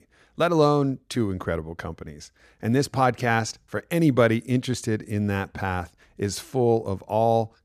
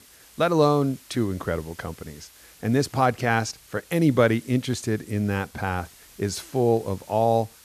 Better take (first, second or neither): first